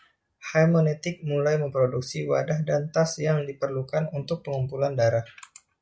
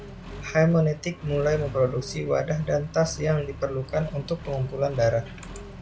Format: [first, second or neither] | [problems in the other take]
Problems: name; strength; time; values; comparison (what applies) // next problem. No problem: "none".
first | background sound (Accelerating, revving, vroom); 13 dB below the speech